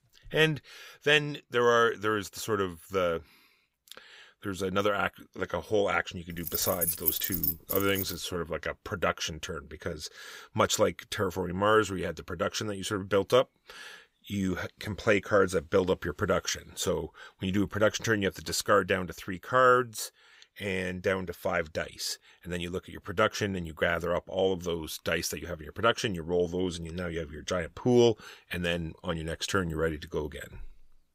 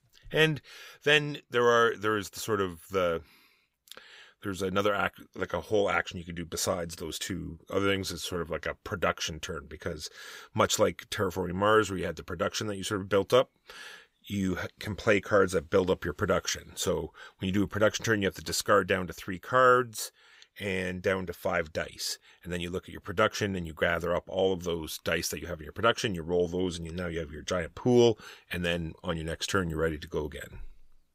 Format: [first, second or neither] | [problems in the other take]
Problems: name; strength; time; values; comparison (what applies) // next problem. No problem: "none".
second | jangling keys; loud; from 6.5 to 8 s; peak 3 dB above the speech